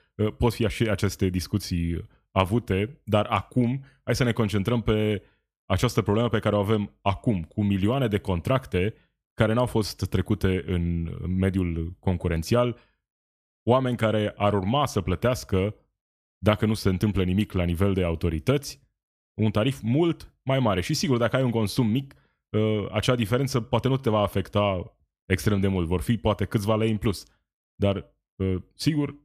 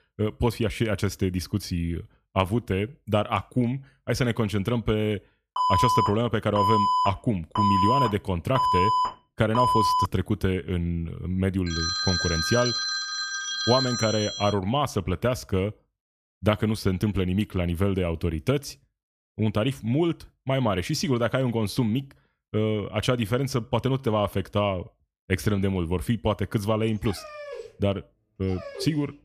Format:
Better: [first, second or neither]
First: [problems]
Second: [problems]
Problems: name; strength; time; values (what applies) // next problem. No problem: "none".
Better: first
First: none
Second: alarm; loud; from 5.5 to 10 s; peak 5 dB above the speech // phone ringing; loud; from 12 to 15 s; peak 2 dB above the speech // dog barking; faint; from 27 s on; peak 10 dB below the speech